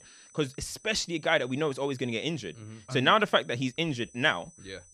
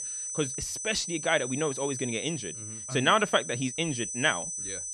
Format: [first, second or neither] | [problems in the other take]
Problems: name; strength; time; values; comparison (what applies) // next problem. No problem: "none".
first | high-pitched whine; loud; throughout; 6 kHz, 6 dB below the speech; faint in the first